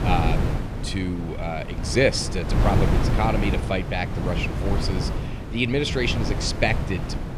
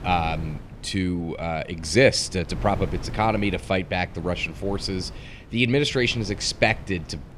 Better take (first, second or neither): second